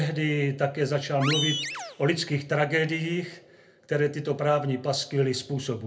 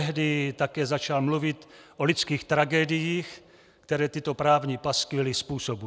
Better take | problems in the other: second | background sound (Animal); 6 dB below the speech // room echo; dies away in 0.3 s

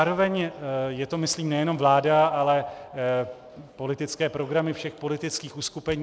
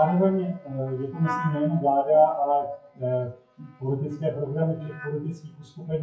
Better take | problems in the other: first | noise reduction (classical method WPE with log-MMSE)

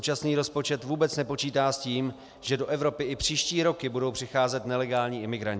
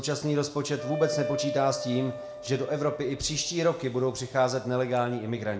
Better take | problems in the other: first | background sound (Wind instrument, woodwind instrument); 8 dB below the speech // room echo; dies away in 1 s

